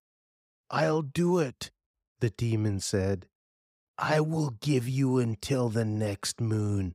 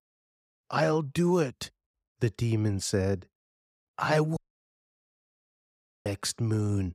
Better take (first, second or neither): first